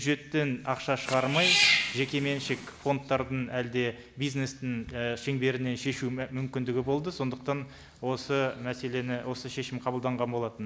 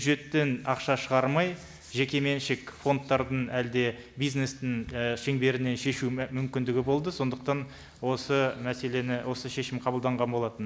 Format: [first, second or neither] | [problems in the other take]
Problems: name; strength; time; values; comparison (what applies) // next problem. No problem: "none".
second | background sound (Cat); as loud as the speech